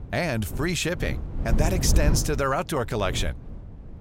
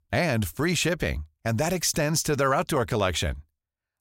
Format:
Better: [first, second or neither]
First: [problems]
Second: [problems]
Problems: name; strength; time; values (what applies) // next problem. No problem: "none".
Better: second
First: wind noise on the microphone; occasional gusts; 10 dB below the speech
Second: none